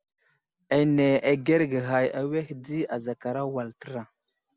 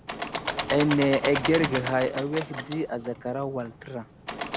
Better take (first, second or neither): first